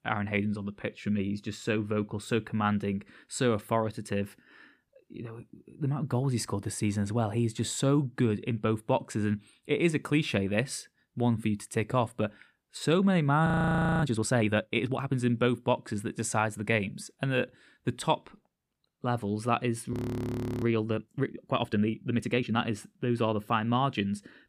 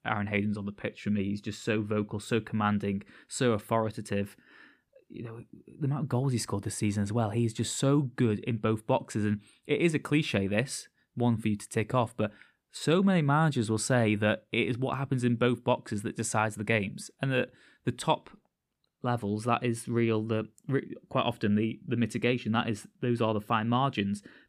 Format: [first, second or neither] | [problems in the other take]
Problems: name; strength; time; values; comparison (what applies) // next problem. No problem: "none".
second | audio freezing; at 13 s for 0.5 s and at 20 s for 0.5 s